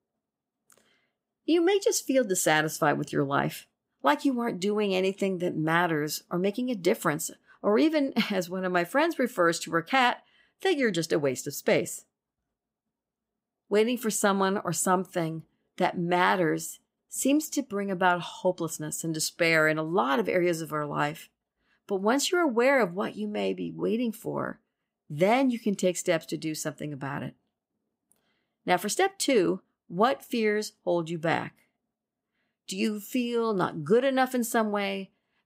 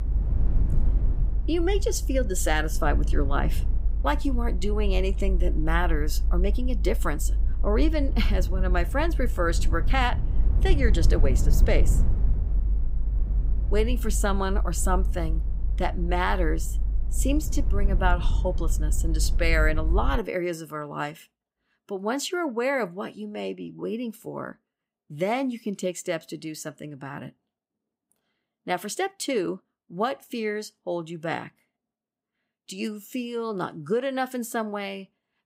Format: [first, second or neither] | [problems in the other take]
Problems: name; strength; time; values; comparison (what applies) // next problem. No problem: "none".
first | low rumble; noticeable; until 20 s; 15 dB below the speech